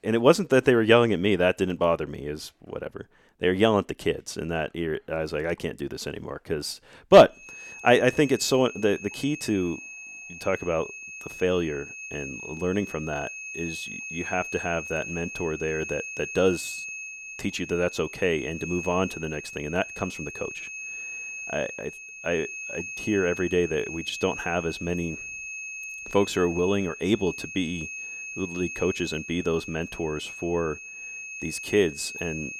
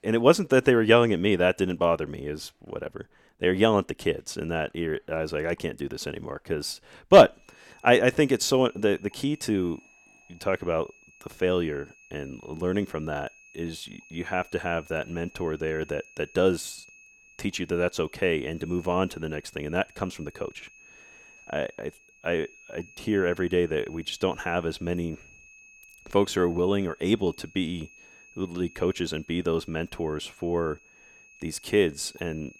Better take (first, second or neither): second